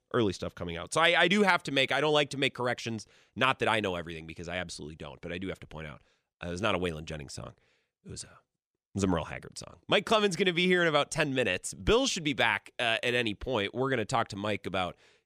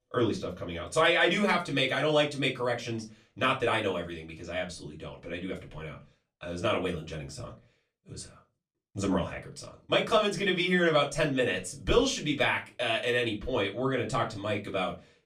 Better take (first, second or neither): first